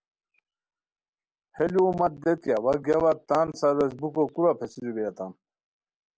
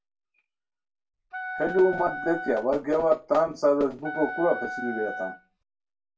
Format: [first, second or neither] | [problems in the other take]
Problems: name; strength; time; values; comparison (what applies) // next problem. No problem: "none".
first | background sound (Wind instrument, woodwind instrument); 8 dB below the speech // room echo; dies away in 0.2 s